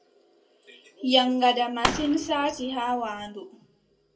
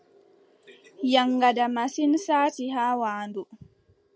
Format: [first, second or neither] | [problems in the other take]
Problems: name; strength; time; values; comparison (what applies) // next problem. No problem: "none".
second | background sound (Fireworks); 5 dB below the speech // room echo; dies away in 0.2 s